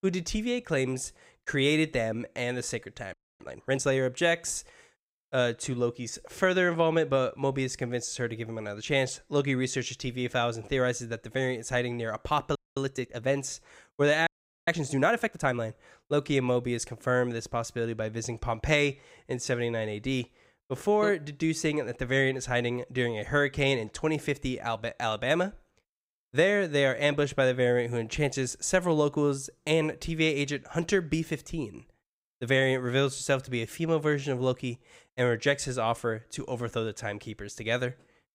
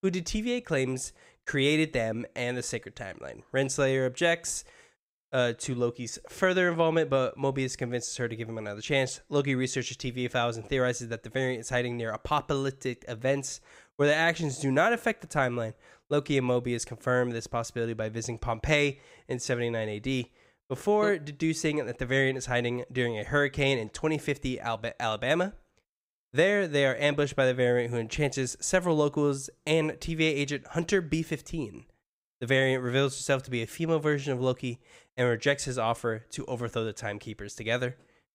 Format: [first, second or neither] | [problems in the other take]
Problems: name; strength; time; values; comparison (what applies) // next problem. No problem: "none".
second | audio freezing; at 3 s, at 13 s and at 14 s